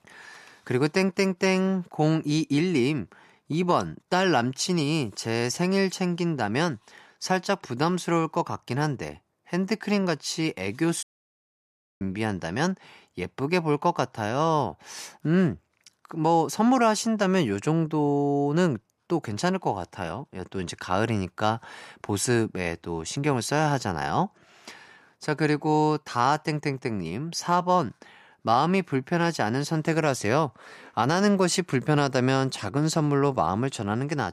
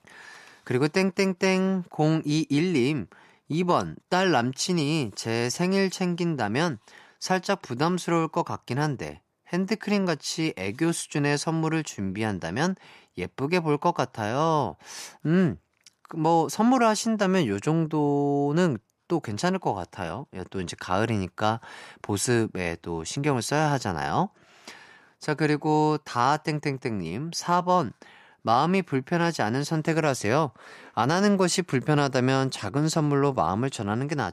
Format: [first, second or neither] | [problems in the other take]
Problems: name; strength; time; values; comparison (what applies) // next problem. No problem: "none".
second | audio cutting out; at 11 s for 1 s